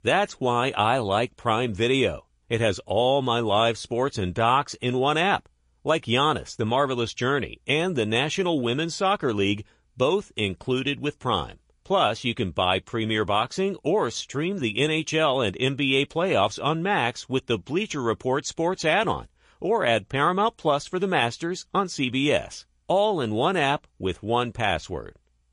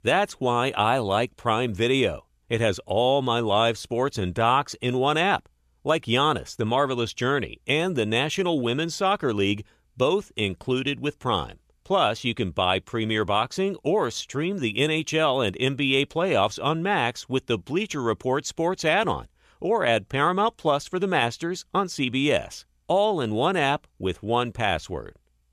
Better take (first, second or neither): second